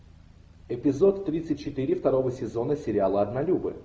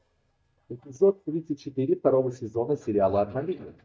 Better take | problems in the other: first | noise reduction (neural mask model DeepFilterNet 3)

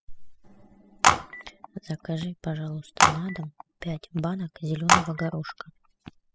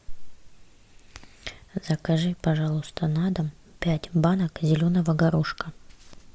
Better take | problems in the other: second | noise reduction (classical method spectral subtraction)

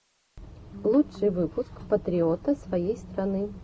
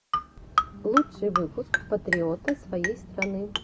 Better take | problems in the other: first | background sound (Marimba, xylophone); as loud as the speech

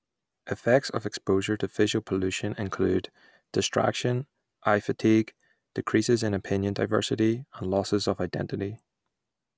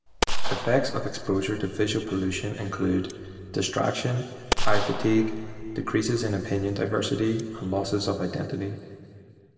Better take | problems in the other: first | background sound (Gunshot, gunfire); 1 dB below the speech // room echo; dies away in 2 s

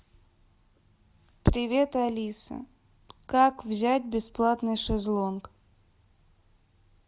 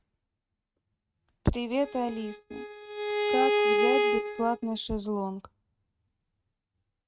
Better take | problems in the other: first | noise reduction (neural mask model RNNoise)

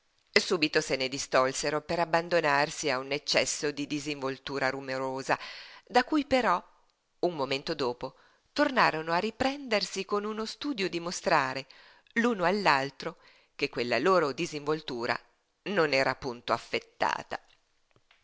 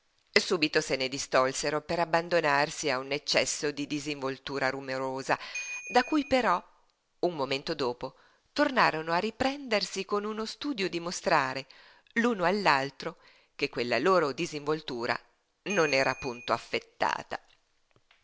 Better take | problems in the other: first | background sound (Ringtone / Bell); 12 dB below the speech

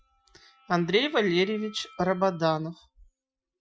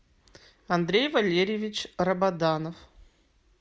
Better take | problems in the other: second | noise reduction (classical method Wiener filter)

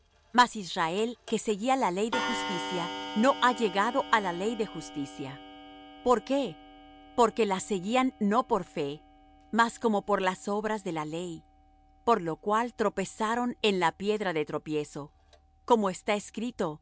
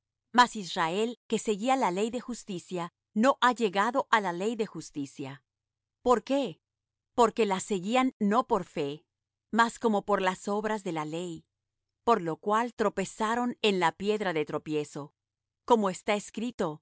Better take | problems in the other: second | background sound (Clock); 14 dB below the speech

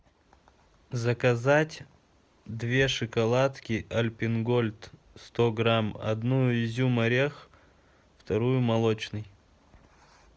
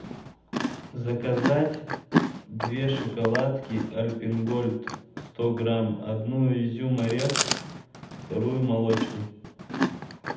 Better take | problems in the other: first | background sound (Chewing, mastication); 5 dB below the speech // room echo; dies away in 0.8 s

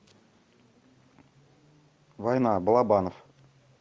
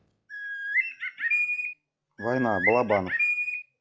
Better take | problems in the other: first | noise reduction (classical method log-MMSE)

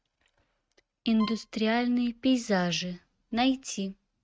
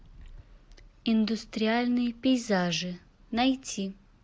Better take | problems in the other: second | noise reduction (neural mask model RNNoise)

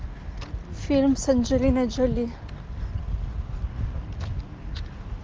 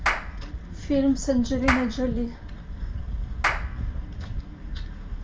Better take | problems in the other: first | background sound (Clapping); 6 dB below the speech // room echo; dies away in 0.2 s

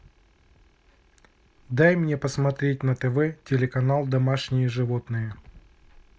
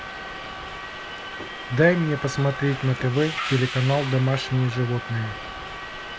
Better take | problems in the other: first | background sound (Subway, metro, underground); 9 dB below the speech

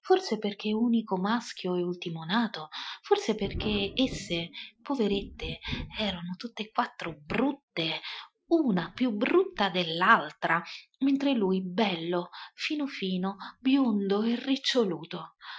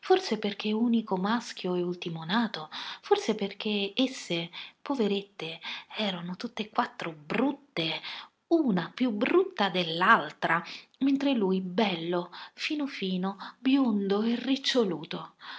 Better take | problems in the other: second | noise reduction (classical method Wiener filter)

